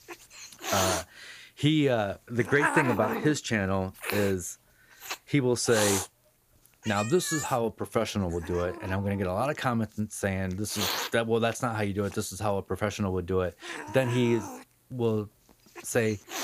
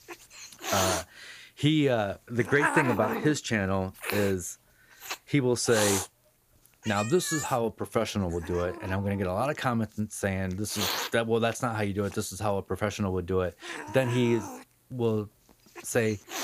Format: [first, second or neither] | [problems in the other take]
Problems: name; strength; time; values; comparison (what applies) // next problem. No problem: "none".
neither | hiss; loud; throughout; 5 dB below the speech; the same in both